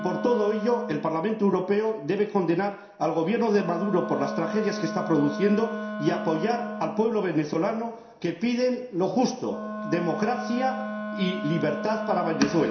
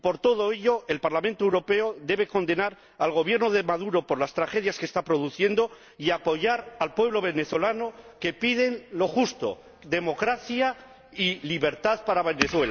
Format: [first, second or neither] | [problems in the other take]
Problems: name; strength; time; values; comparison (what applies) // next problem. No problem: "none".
second | background sound (Wind instrument, woodwind instrument); 9 dB below the speech // room echo; dies away in 0.7 s